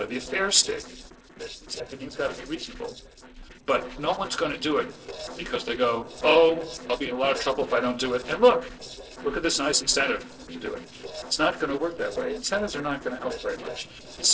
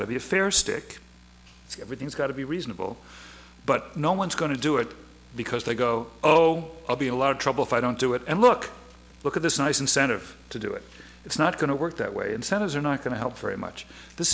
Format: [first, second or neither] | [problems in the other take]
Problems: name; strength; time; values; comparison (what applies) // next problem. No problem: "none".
second | noise reduction (neural separator model SepFormer DNS4)